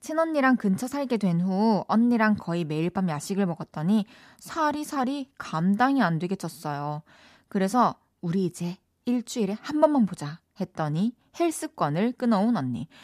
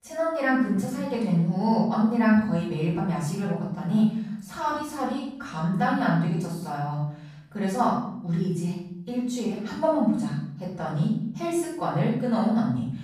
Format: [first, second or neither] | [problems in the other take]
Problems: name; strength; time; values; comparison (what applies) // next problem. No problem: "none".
first | off-mic speech; far // room echo; noticeable; dies away in 0.7 s